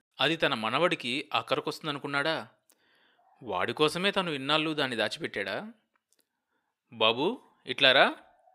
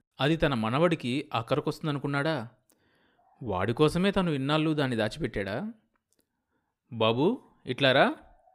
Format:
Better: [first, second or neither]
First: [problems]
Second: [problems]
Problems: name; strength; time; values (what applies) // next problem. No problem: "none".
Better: second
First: thin; somewhat; fading below 1 kHz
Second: none